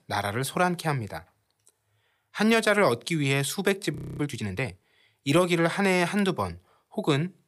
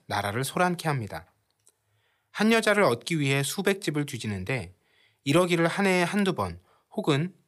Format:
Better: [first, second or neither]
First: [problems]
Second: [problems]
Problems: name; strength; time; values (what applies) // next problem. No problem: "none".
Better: second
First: audio freezing; at 4 s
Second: none